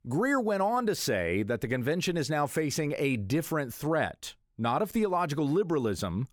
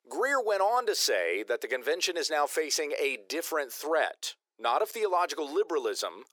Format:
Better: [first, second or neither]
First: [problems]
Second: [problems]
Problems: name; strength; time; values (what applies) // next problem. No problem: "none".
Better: first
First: none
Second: thin; very; fading below 400 Hz